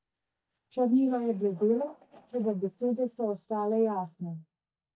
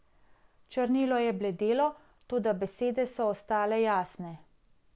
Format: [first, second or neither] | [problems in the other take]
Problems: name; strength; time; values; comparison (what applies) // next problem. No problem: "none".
second | noise reduction (neural mask model DeepFilterNet 3)